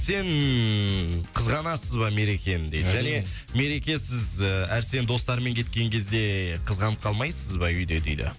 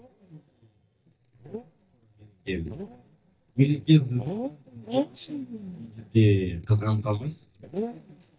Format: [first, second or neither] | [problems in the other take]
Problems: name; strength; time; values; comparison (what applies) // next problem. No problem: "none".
first | noise reduction (neural mask model DeepFilterNet 3)